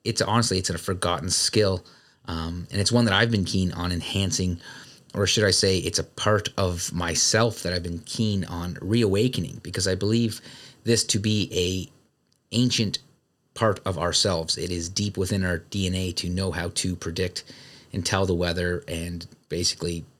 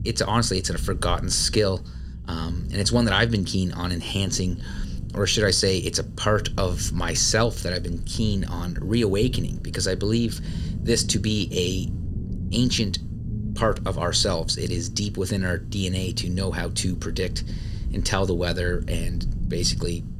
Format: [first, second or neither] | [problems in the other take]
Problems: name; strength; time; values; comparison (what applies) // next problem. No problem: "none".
first | low rumble; noticeable; throughout; 20 dB below the speech